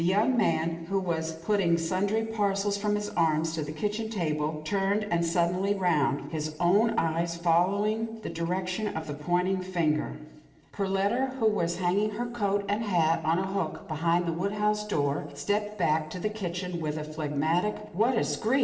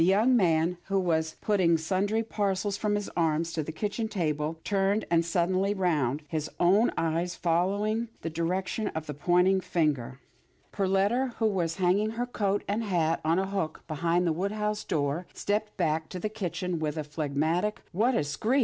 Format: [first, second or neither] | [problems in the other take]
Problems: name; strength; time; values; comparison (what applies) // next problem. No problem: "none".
second | room echo; dies away in 1.5 s